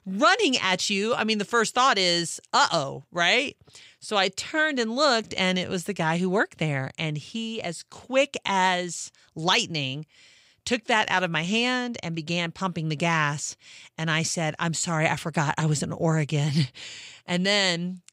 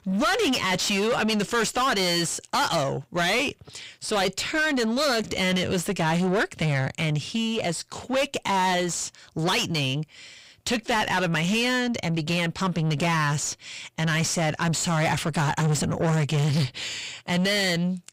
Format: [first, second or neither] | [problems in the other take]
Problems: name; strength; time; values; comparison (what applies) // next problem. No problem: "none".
first | distortion; heavy; 5 dB below the speech